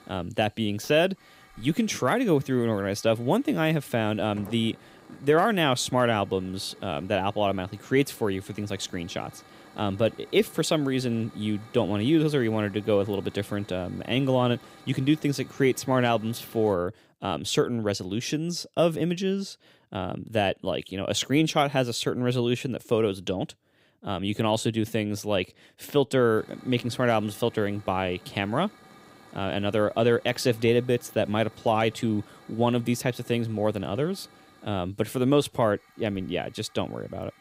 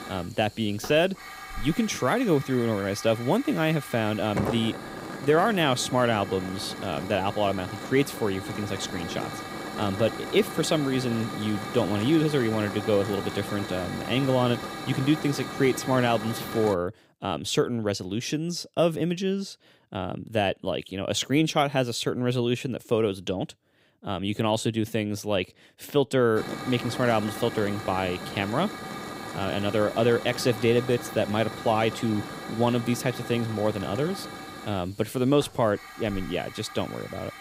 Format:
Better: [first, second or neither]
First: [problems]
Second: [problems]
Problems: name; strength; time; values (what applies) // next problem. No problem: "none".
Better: first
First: hiss; faint; until 17 s and from 26 s on; 25 dB below the speech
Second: hiss; loud; until 17 s and from 26 s on; 10 dB below the speech